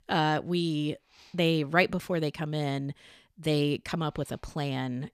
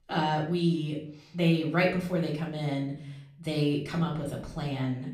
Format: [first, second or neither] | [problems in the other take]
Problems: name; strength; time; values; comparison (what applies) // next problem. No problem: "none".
first | off-mic speech; far // room echo; slight; dies away in 0.5 s